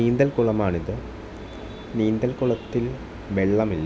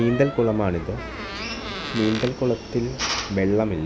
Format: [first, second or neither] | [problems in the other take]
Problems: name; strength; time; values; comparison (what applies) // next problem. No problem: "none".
first | background sound (Drill + Door); 10 dB below the speech